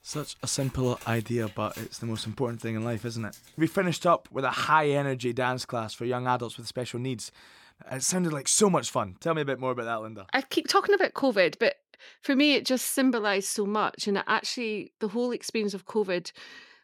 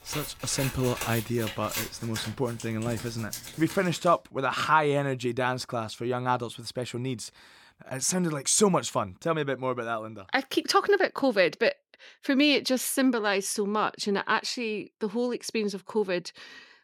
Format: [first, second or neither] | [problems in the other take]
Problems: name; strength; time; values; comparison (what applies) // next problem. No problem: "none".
first | household noises; loud; until 3.5 s; 9 dB below the speech; faint in the first